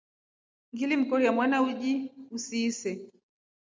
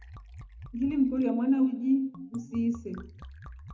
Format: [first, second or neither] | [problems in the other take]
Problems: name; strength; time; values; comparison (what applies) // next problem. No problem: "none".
first | background sound (Liquid); 18 dB below the speech // room echo; dies away in 0.3 s